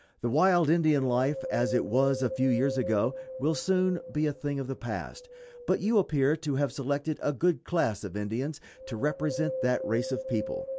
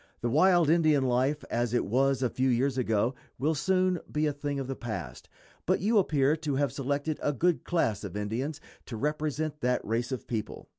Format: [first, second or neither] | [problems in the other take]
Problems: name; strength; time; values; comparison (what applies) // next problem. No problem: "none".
second | background sound (Wind); 11 dB below the speech